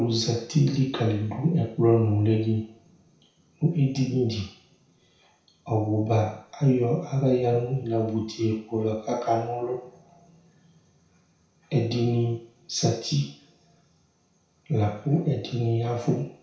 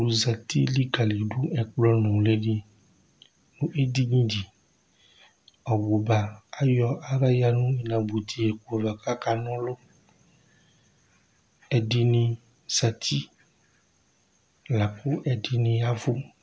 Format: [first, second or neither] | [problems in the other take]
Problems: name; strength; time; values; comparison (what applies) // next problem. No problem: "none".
second | room echo; dies away in 0.6 s